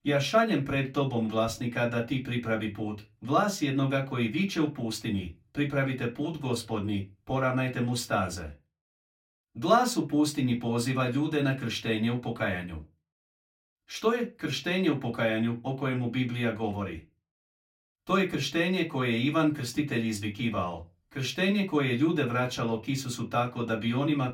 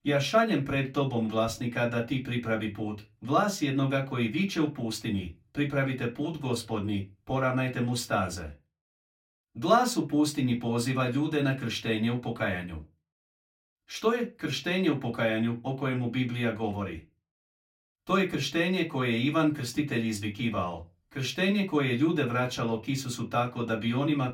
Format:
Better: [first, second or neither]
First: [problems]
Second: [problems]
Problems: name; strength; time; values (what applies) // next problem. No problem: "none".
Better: neither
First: off-mic speech; far // room echo; very slight; dies away in 0.2 s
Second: off-mic speech; far // room echo; very slight; dies away in 0.2 s